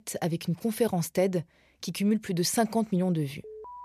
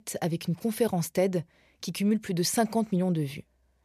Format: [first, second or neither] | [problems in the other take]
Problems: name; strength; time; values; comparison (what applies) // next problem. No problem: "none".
second | alarm; faint; at 3.5 s; peak 15 dB below the speech